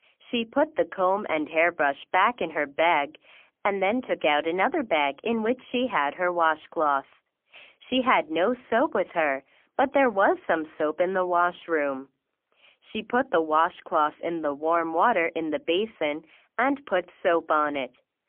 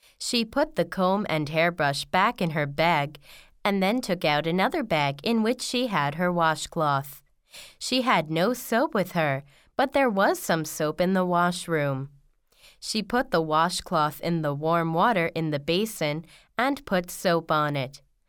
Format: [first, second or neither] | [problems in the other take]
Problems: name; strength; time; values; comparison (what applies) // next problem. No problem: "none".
second | phone-call audio; poor line; nothing above 3.5 kHz